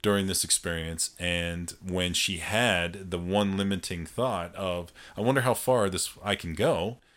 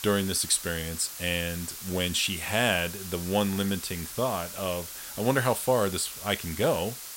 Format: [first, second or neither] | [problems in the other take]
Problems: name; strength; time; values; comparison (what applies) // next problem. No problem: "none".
first | hiss; loud; throughout; 9 dB below the speech